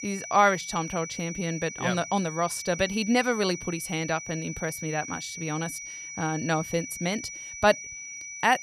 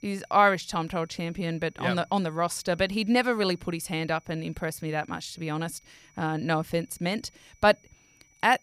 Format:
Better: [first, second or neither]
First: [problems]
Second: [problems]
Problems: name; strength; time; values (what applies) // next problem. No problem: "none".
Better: second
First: high-pitched whine; loud; throughout; 2.5 kHz, 9 dB below the speech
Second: high-pitched whine; faint; throughout; 2.5 kHz, 30 dB below the speech